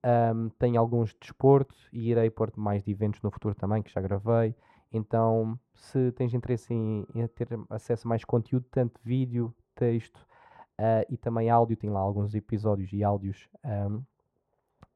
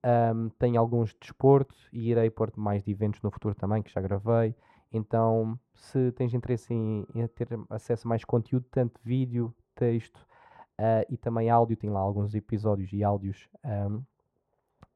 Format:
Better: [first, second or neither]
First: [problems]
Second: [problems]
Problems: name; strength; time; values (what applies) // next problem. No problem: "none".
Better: neither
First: muffled; very; fading above 2 kHz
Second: muffled; very; fading above 2 kHz